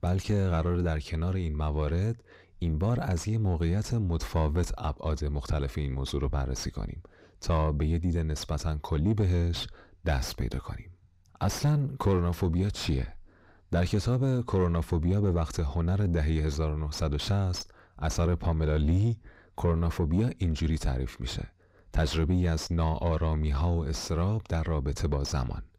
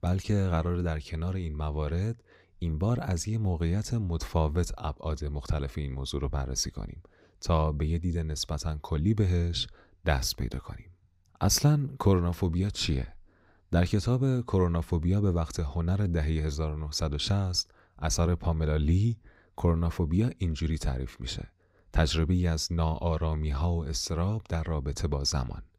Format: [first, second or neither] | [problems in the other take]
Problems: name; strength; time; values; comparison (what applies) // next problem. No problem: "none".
second | distortion; slight; 9 dB below the speech